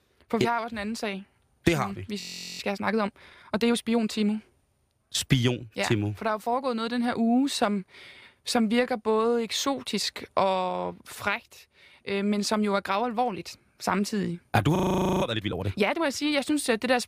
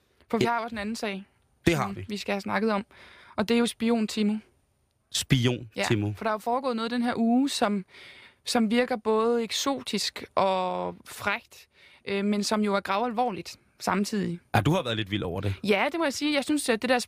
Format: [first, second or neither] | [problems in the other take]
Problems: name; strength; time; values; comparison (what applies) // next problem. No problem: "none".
second | audio freezing; at 2 s and at 15 s